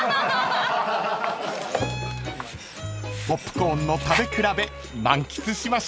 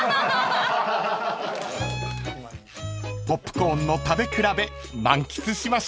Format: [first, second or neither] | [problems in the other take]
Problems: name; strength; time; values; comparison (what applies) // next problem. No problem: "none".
second | background sound (Sink (filling or washing)); 11 dB below the speech